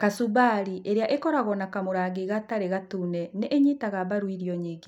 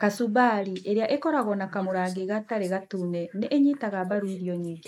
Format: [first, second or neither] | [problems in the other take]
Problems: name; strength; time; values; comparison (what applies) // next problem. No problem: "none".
first | noise reduction (neural mask model Resemble Enhance denoiser)